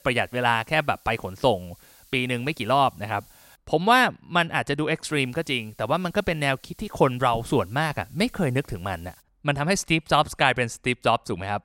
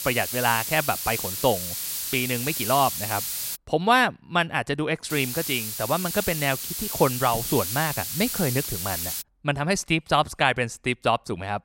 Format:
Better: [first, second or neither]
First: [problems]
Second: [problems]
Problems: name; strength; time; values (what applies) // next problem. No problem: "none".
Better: first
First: hiss; faint; until 3.5 s and from 5 to 9 s; 30 dB below the speech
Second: hiss; loud; until 3.5 s and from 5 to 9 s; 4 dB below the speech